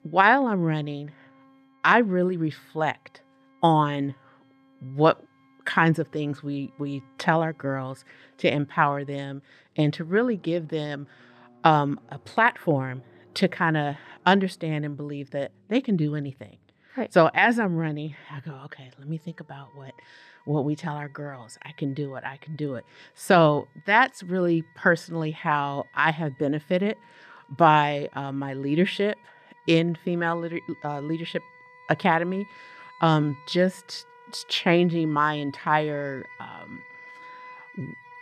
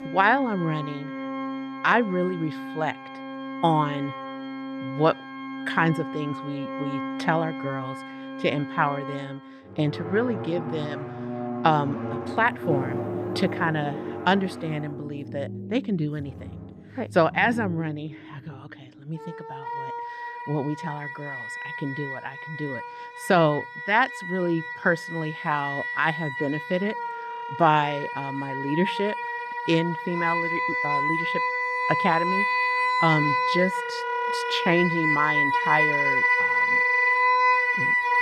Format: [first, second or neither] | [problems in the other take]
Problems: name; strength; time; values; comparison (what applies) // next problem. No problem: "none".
first | background music; loud; throughout; 1 dB below the speech; faint in the first